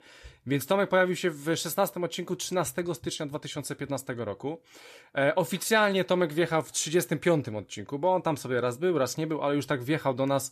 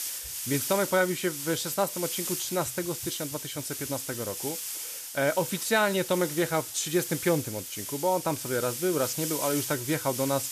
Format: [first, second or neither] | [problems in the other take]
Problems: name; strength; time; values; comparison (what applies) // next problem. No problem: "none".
first | hiss; loud; throughout; 4 dB below the speech